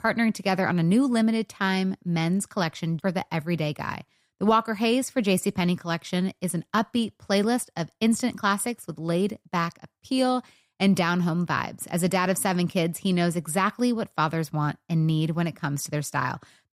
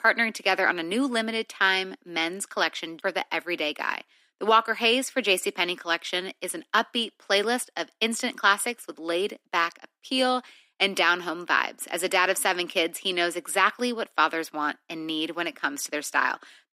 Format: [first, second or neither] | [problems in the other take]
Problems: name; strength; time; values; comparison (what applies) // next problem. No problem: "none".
first | thin; somewhat; fading below 250 Hz